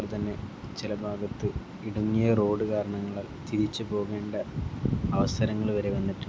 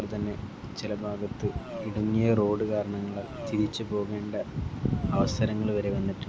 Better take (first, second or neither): first